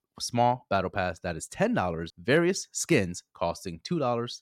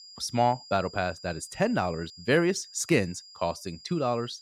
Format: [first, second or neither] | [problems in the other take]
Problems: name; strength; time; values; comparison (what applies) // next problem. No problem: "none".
first | high-pitched whine; noticeable; throughout; 5 kHz, 20 dB below the speech